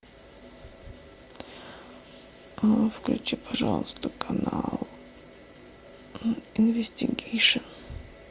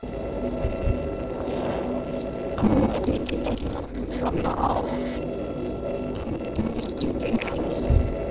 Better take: first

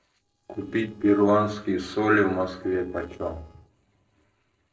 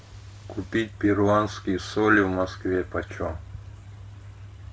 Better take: second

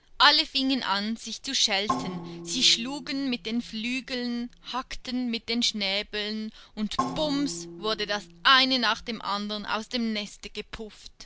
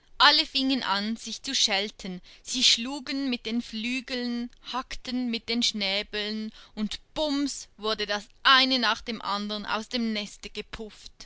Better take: second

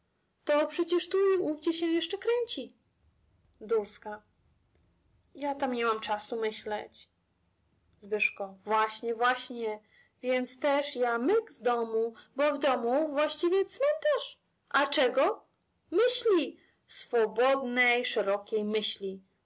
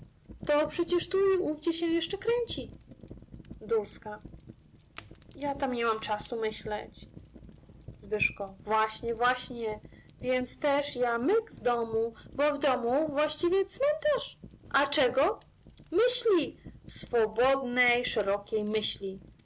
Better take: first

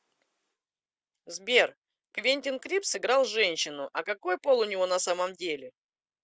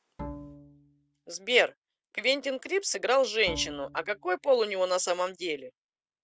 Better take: first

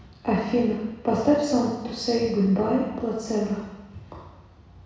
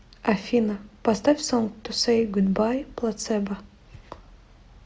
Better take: second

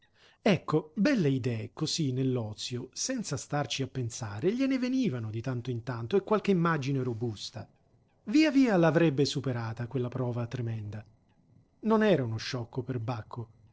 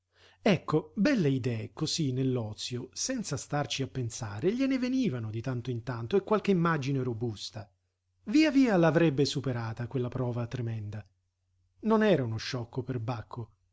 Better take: second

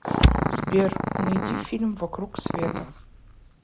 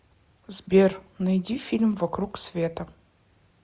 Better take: second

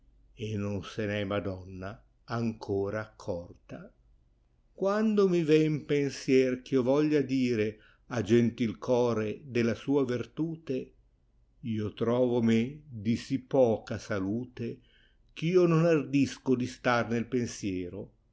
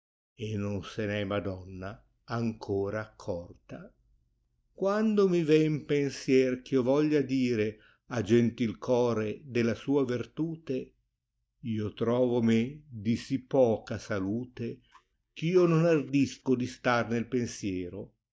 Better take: first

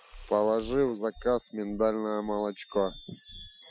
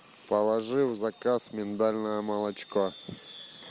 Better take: second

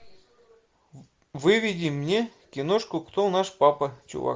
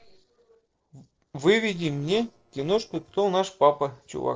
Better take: first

